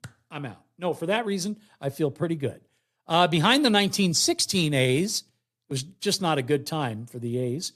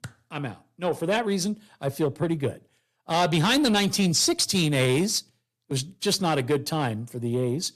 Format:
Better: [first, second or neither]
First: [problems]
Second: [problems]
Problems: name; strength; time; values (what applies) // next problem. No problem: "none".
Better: first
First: none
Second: distortion; slight; 10 dB below the speech